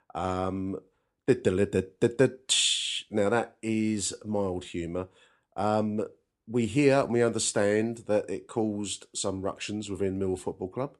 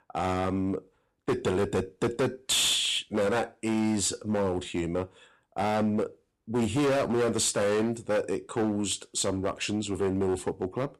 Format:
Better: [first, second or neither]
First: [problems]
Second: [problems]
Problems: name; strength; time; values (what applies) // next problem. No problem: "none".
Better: first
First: none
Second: distortion; heavy; 13% of the sound clipped